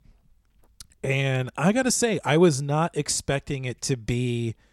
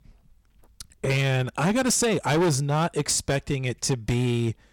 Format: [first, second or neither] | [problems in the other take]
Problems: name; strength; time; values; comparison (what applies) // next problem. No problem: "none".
first | distortion; heavy; 13% of the sound clipped